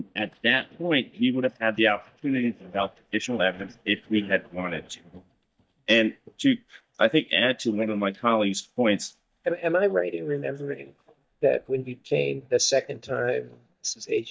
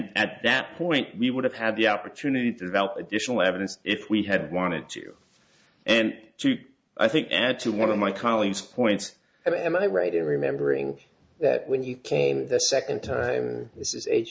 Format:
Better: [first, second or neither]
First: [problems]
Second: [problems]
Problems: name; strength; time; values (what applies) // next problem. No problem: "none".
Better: second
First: noise reduction (neural mask model DeepFilterNet 3)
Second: none